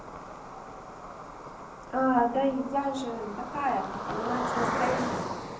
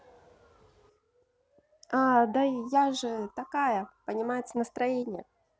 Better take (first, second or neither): second